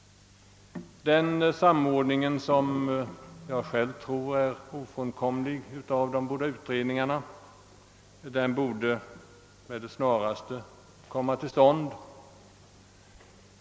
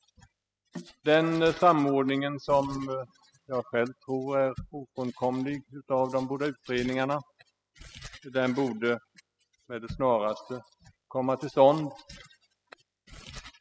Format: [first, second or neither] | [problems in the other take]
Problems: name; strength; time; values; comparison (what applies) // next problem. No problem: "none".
first | noise reduction (classical method spectral subtraction)